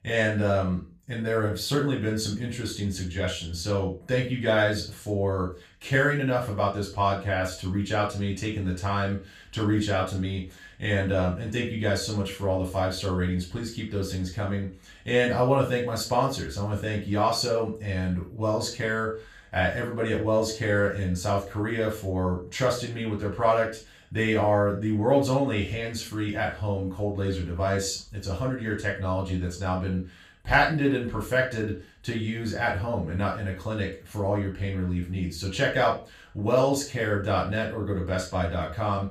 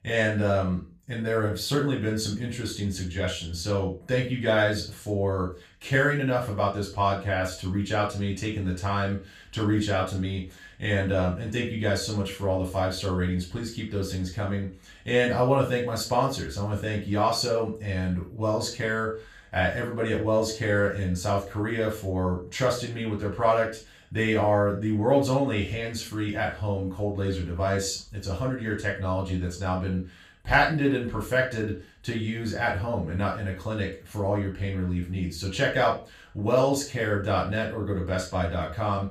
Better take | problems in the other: neither | room echo; noticeable; dies away in 0.3 s; the same in both // off-mic speech; far; the same in both

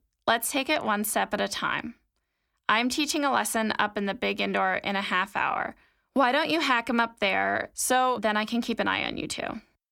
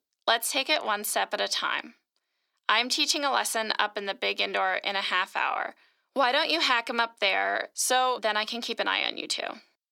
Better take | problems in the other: first | thin; somewhat; fading below 450 Hz

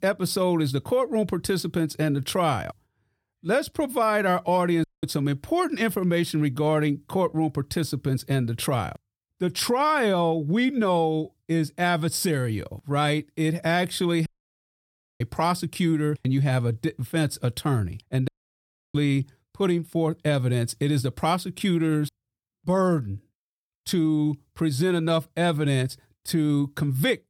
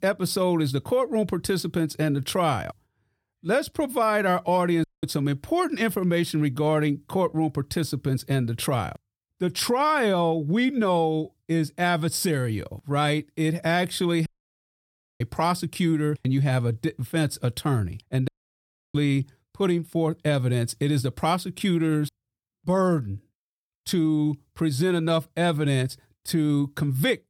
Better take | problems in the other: neither | audio cutting out; at 5 s, at 14 s for 1 s and at 18 s for 0.5 s; the same in both

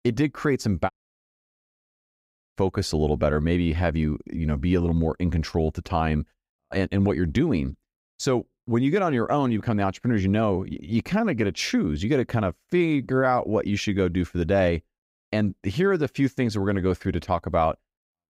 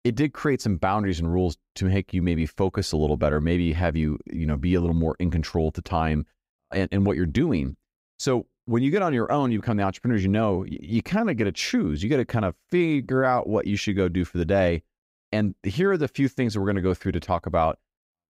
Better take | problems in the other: second | audio cutting out; at 1 s for 1.5 s

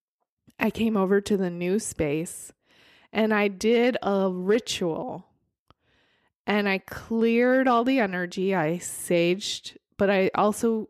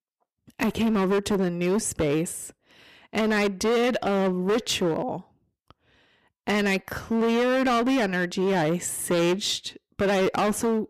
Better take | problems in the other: first | distortion; heavy; 17% of the sound clipped

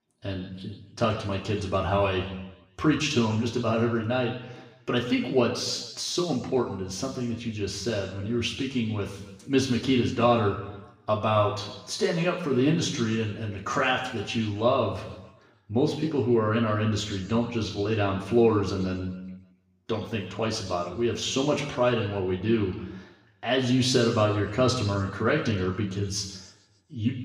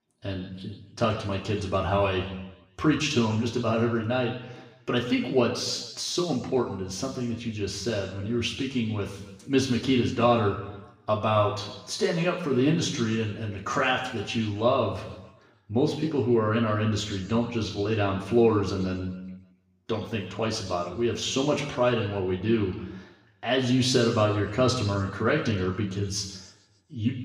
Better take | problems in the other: neither | room echo; noticeable; dies away in 1 s; the same in both // off-mic speech; far; the same in both

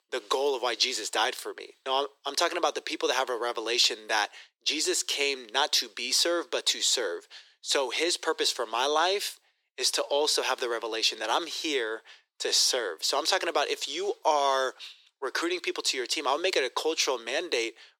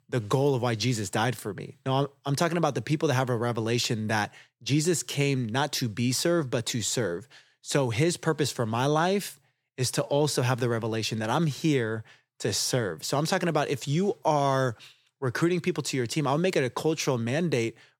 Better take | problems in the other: second | thin; very; fading below 350 Hz

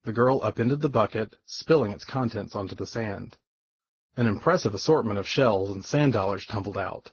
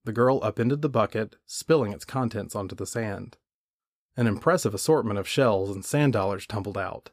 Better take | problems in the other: second | garbled, watery; badly; nothing above 6.5 kHz

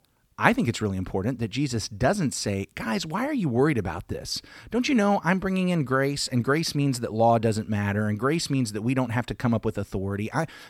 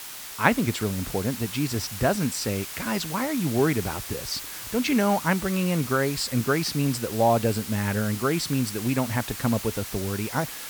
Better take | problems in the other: first | hiss; loud; throughout; 8 dB below the speech

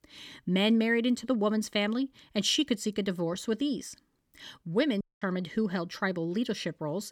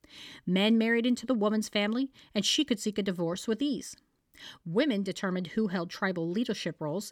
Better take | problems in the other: second | audio cutting out; at 5 s

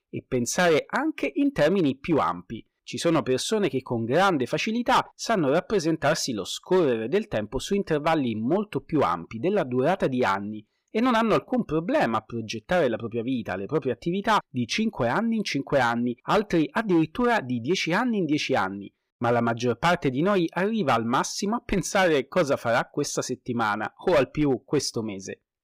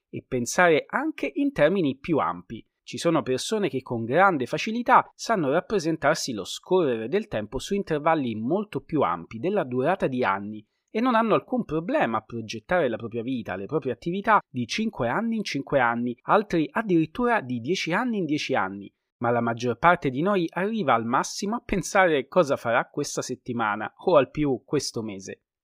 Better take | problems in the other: second | distortion; slight; 4% of the sound clipped

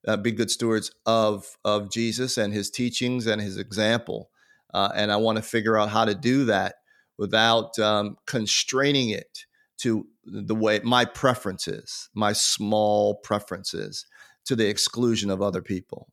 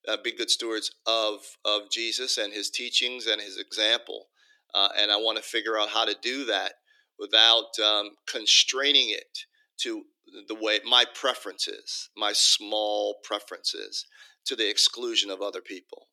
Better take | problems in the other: first | thin; somewhat; fading below 300 Hz

